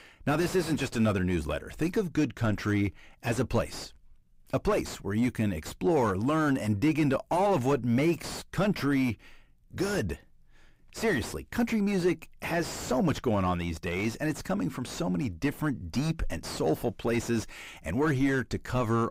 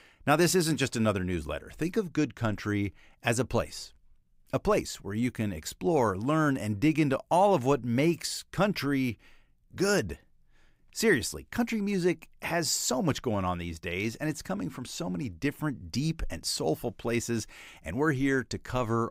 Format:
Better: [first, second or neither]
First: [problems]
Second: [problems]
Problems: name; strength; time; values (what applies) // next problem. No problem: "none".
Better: second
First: distortion; heavy; 6 dB below the speech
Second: none